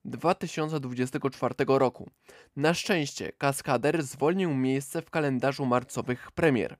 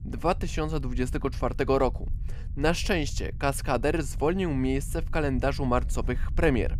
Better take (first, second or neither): first